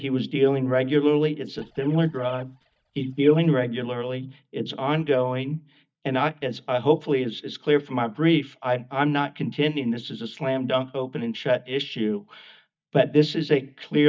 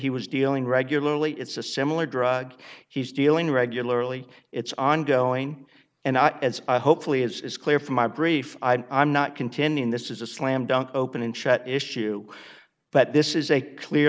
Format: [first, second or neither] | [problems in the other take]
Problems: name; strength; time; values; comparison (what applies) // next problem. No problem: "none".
second | noise reduction (neural mask model DeepFilterNet 3)